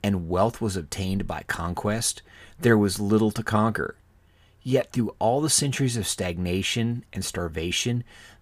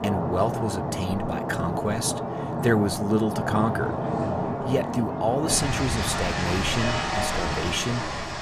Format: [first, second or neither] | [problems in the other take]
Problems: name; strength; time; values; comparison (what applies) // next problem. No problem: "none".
first | rain or running water; loud; throughout; 1 dB below the speech